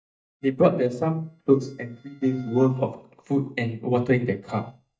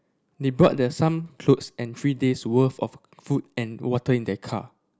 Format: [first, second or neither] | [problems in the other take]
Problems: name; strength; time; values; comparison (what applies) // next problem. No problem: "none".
second | noise reduction (neural mask model DeepFilterNet 3)